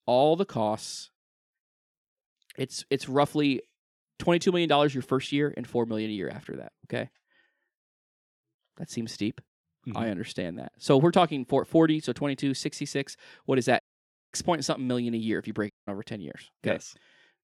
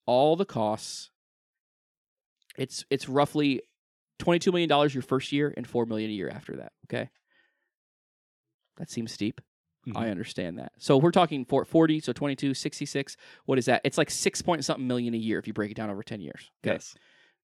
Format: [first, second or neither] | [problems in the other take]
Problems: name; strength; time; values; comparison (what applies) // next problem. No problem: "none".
second | audio cutting out; at 14 s for 0.5 s and at 16 s